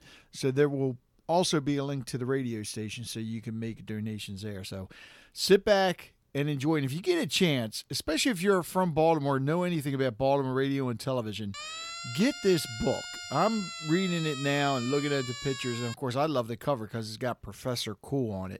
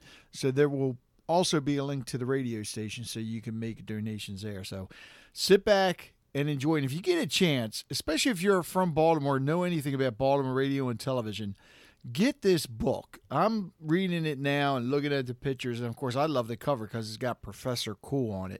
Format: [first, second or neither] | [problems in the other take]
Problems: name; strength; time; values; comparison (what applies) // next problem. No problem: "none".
second | siren; noticeable; from 12 to 16 s; peak 7 dB below the speech